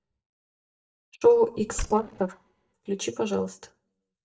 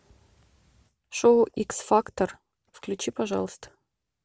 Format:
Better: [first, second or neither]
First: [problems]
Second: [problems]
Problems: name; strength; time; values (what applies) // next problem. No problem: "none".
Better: second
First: noise reduction (neural mask model DeepFilterNet 3)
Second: none